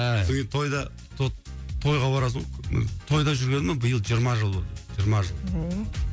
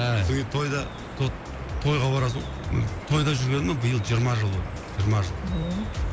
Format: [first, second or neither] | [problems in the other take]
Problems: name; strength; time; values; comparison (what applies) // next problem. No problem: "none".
first | background sound (Drip); 12 dB below the speech